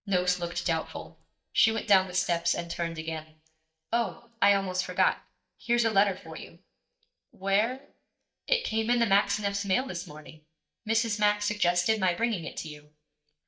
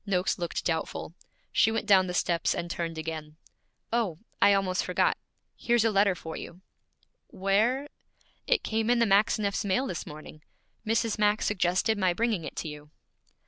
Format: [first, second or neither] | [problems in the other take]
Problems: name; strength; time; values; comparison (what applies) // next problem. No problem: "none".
second | noise reduction (neural mask model DeepFilterNet 3)